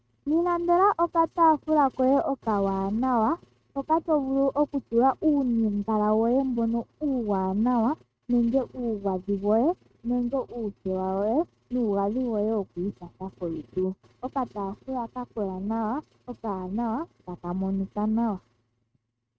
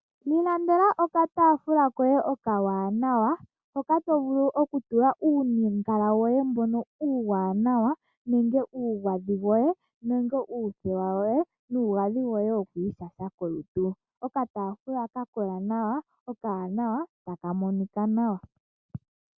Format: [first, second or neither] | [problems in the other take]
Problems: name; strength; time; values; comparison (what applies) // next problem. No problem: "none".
second | noise reduction (neural mask model RNNoise)